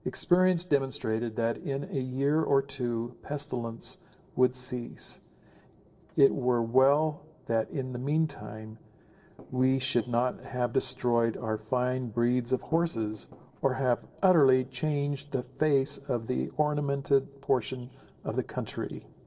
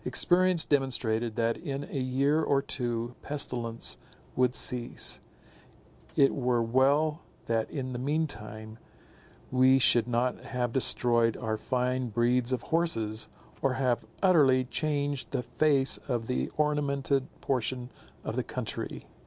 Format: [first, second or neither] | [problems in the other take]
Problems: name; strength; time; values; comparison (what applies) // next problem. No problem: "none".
second | noise reduction (neural separator model SepFormer DNS4)